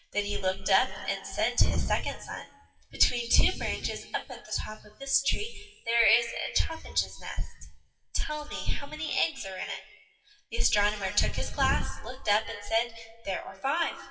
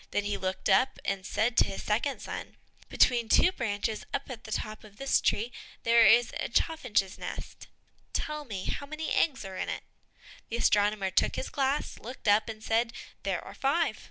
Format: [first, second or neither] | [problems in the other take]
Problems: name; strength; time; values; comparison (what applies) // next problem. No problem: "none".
second | noise reduction (classical method WPE with log-MMSE)